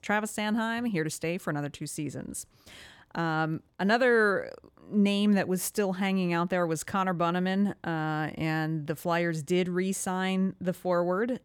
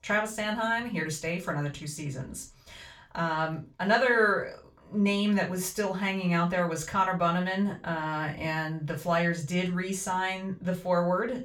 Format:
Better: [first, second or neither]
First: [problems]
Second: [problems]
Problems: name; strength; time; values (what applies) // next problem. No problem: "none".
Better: first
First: none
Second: room echo; very slight; dies away in 0.2 s // off-mic speech; far